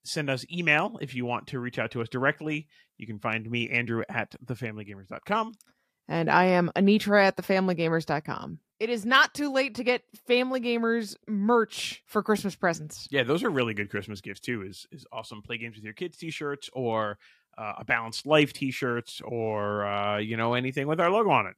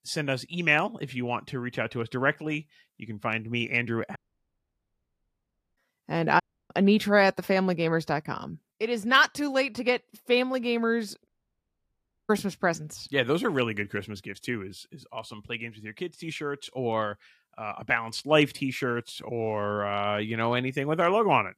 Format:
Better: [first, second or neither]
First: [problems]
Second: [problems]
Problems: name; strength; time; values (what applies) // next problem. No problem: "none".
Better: first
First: none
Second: audio cutting out; at 4 s for 1.5 s, at 6.5 s and at 11 s for 1 s